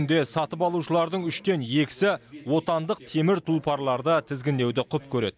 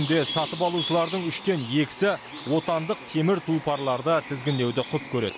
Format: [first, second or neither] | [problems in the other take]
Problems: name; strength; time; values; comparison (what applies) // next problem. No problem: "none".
first | background sound (Bird); 12 dB below the speech